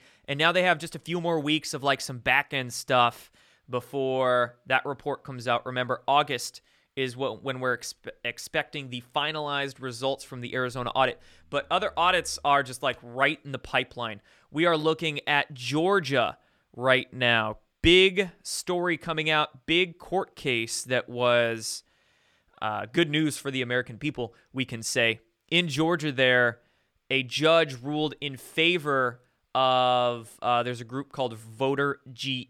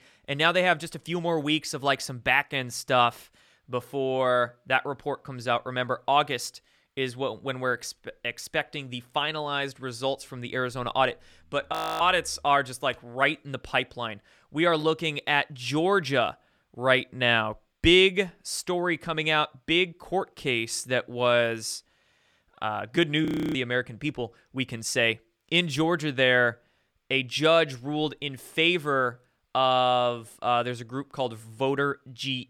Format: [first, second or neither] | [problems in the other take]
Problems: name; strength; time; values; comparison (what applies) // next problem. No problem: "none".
first | audio freezing; at 12 s and at 23 s